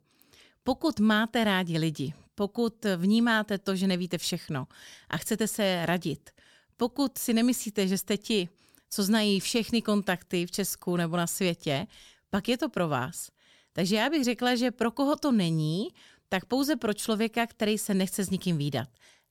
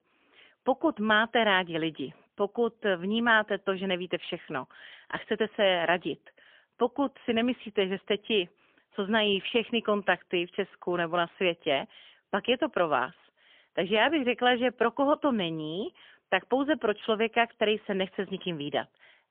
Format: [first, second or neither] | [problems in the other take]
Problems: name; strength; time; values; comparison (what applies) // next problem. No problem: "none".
first | phone-call audio; poor line; nothing above 3.5 kHz